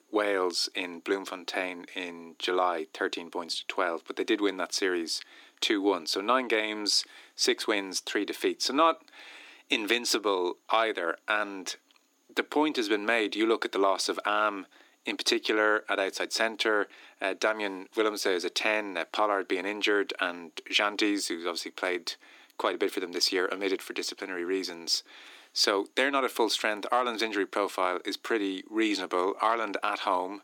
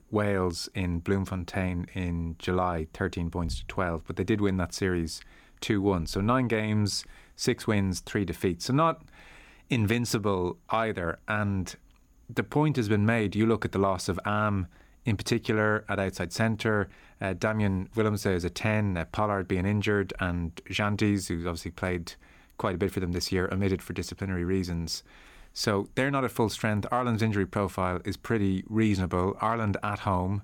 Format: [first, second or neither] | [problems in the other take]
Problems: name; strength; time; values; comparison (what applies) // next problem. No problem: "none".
second | thin; somewhat; fading below 300 Hz